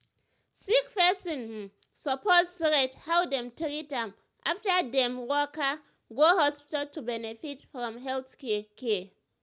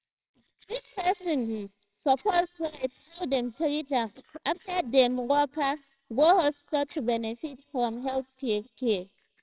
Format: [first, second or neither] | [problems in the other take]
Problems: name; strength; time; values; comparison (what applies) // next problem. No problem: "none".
first | noise reduction (neural separator model SepFormer WHAMR!)